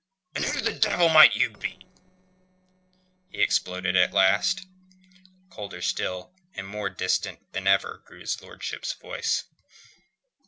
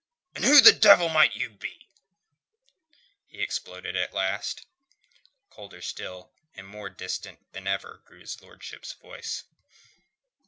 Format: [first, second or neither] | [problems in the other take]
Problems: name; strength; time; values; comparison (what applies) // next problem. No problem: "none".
second | noise reduction (neural separator model SepFormer DNS4)